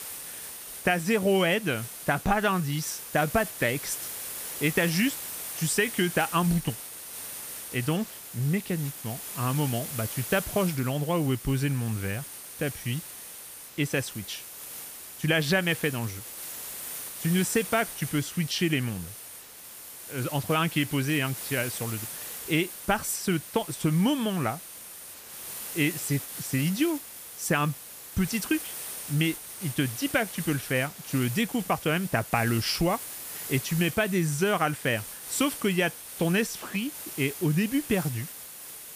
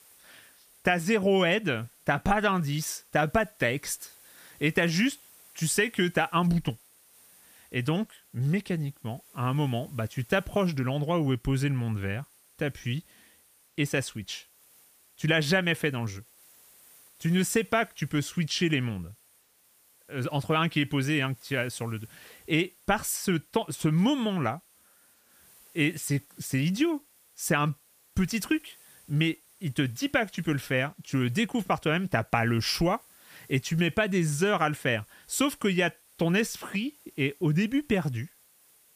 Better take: second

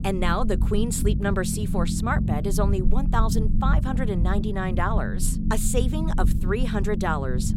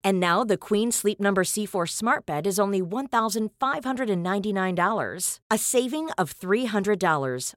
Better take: second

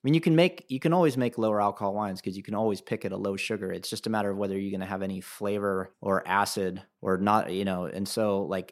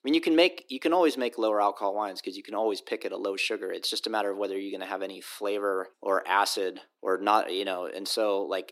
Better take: first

